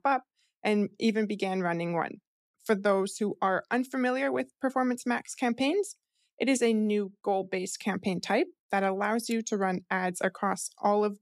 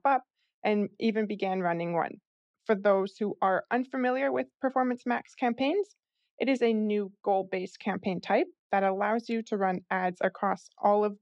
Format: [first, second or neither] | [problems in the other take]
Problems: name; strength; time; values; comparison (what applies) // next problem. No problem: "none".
first | muffled; slightly; fading above 4 kHz